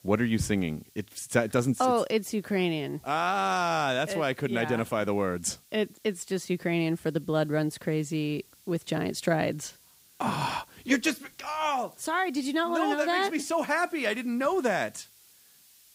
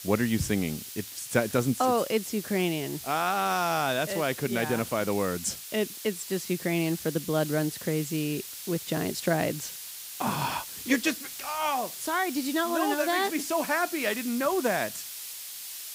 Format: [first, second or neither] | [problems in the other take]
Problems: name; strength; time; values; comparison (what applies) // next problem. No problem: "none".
first | hiss; loud; throughout; 9 dB below the speech; faint in the first